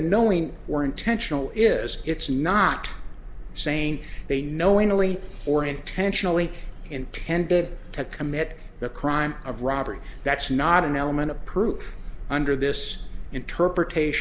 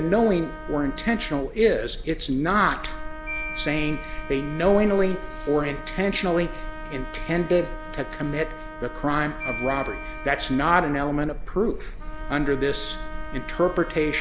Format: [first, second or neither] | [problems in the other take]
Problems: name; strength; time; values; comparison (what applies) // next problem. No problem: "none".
first | background sound (Marimba, xylophone + Trumpet); 14 dB below the speech